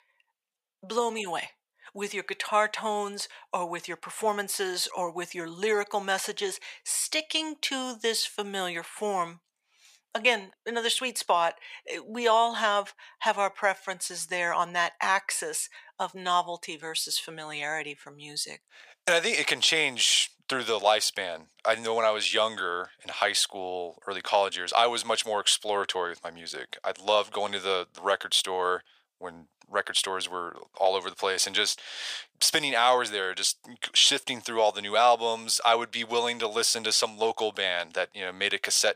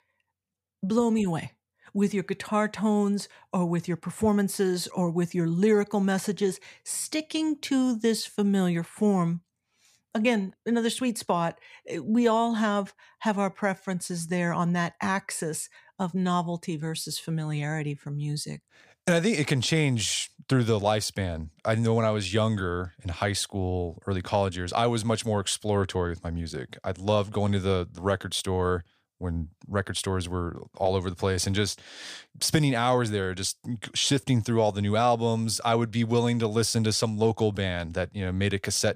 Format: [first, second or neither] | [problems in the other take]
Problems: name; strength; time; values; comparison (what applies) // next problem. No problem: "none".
second | thin; very; fading below 700 Hz